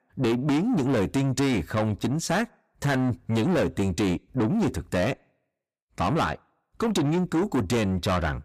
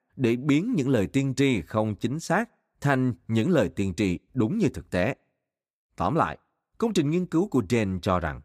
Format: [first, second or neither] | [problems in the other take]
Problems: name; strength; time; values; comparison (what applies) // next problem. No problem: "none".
second | distortion; heavy; 7 dB below the speech